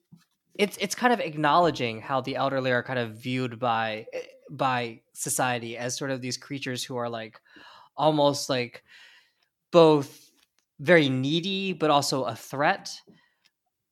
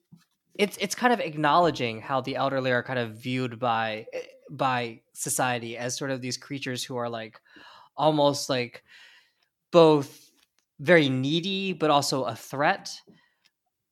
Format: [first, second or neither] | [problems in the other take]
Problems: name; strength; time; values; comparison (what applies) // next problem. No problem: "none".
neither | none